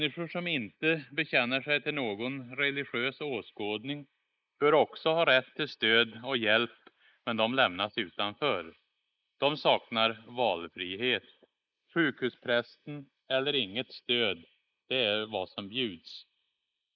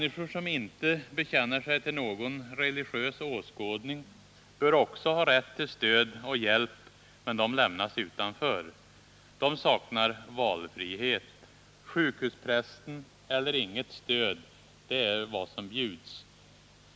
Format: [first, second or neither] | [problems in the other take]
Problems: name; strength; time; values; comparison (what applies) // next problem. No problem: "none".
second | noise reduction (neural mask model Resemble Enhance denoiser)